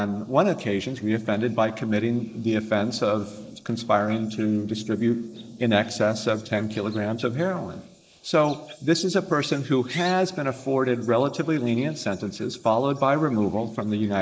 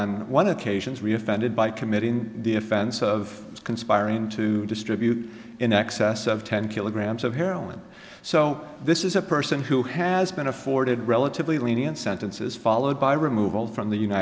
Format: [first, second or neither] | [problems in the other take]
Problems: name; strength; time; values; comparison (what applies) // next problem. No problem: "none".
second | noise reduction (neural mask model Resemble Enhance denoiser)